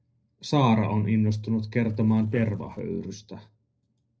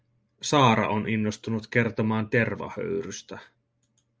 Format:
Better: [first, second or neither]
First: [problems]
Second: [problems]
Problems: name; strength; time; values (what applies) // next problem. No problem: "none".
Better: second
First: noise reduction (neural separator model SepFormer DNS4)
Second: none